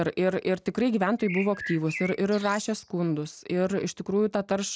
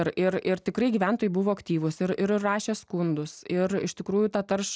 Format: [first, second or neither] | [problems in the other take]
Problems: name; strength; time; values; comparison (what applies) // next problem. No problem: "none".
second | background sound (Bird); 12 dB below the speech